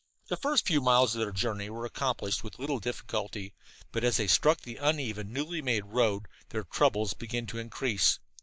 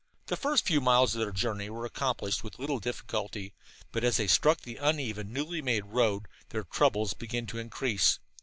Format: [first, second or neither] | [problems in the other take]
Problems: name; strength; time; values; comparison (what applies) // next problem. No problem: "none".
second | noise reduction (neural mask model Resemble Enhance denoiser)